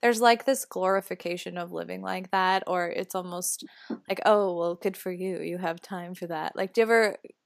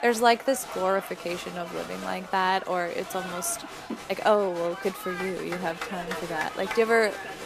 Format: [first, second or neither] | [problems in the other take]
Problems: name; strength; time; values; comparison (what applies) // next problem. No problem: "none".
first | crowd noise; loud; throughout; 10 dB below the speech